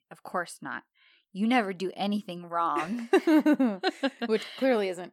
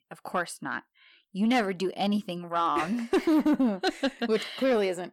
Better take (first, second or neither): first